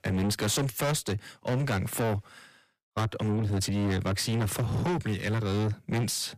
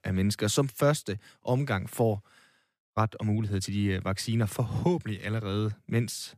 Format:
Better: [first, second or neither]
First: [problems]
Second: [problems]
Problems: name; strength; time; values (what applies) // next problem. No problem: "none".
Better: second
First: distortion; heavy; 6 dB below the speech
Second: none